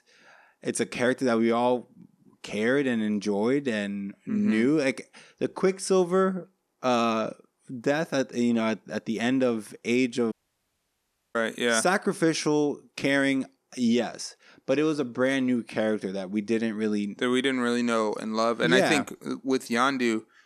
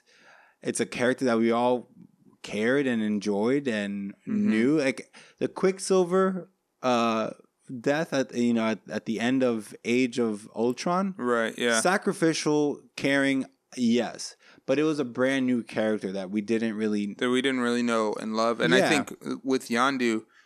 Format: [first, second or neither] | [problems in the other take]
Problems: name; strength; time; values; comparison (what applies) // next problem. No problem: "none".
second | audio cutting out; at 10 s for 1 s